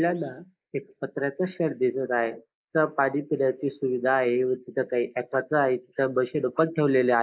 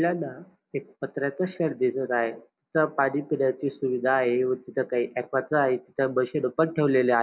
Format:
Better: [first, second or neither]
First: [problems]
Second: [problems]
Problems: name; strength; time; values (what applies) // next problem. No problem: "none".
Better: second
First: noise reduction (neural mask model Resemble Enhance denoiser)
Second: none